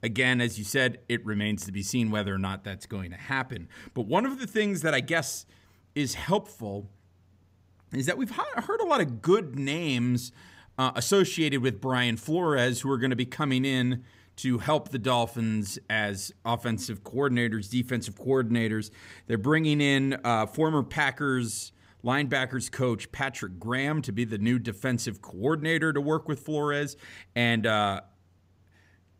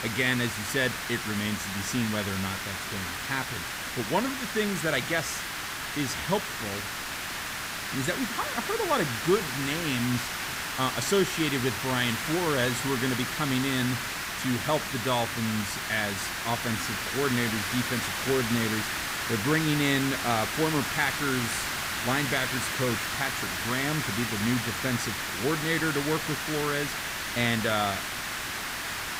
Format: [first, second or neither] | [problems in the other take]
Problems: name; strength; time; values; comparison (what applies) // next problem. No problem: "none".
first | hiss; loud; throughout; 1 dB below the speech